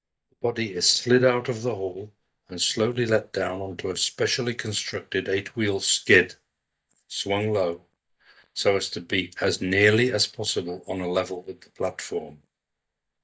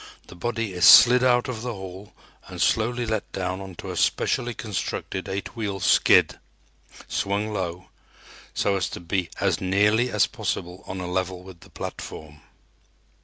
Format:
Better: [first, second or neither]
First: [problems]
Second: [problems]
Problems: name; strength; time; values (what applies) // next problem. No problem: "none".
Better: second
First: noise reduction (neural mask model DeepFilterNet 3)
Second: none